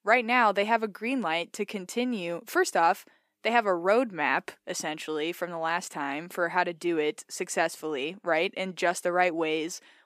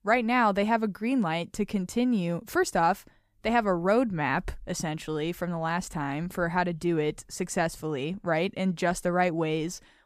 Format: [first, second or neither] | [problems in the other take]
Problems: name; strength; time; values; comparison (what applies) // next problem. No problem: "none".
second | thin; somewhat; fading below 300 Hz